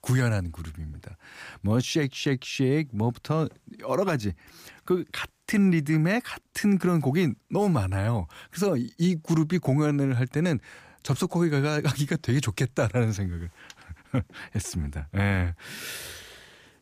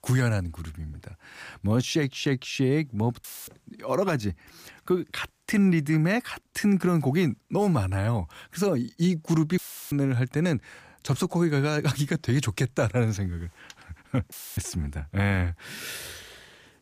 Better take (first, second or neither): first